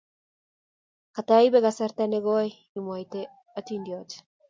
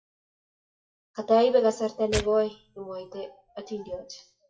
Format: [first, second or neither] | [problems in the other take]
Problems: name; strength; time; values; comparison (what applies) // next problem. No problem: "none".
first | noise reduction (classical method WPE with log-MMSE)